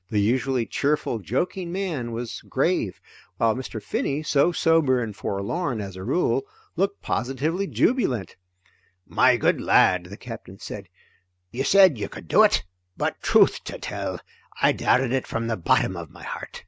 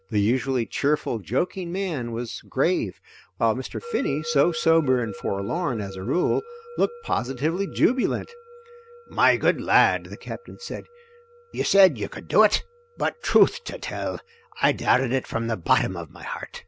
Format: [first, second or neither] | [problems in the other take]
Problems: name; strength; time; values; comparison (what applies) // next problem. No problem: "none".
first | background sound (Musical instrument); 19 dB below the speech